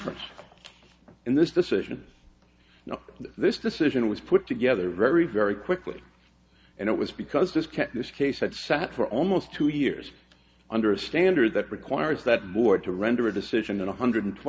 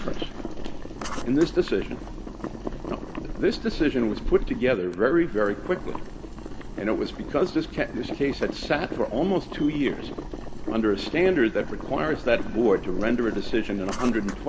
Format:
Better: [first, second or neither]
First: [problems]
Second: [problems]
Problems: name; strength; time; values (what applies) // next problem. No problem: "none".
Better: first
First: none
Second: background sound (Boiling); 6 dB below the speech